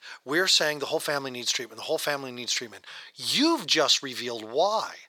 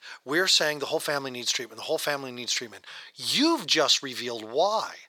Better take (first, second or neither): neither